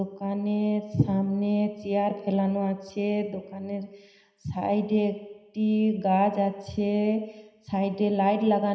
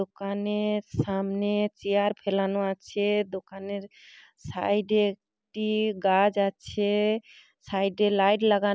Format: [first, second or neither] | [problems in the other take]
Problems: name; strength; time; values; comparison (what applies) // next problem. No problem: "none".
second | room echo; dies away in 0.9 s